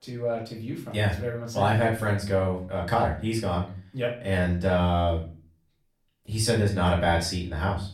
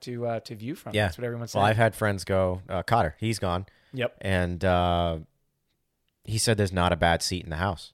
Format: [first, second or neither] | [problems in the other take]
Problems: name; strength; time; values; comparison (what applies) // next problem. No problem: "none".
second | room echo; slight; dies away in 0.4 s // off-mic speech; far